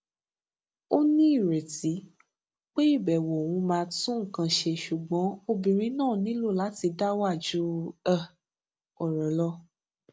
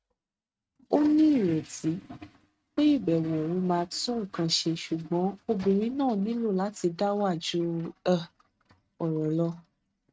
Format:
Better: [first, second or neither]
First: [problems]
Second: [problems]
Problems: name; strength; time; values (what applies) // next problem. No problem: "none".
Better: first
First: none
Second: noise reduction (neural mask model RNNoise)